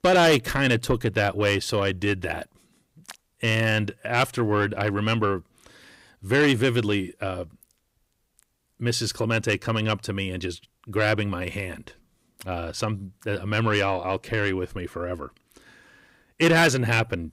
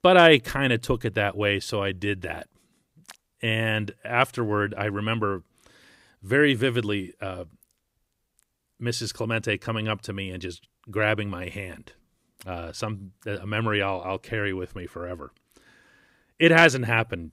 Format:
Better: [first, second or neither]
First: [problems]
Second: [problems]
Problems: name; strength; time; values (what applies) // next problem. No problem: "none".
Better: second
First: distortion; heavy; 8 dB below the speech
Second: none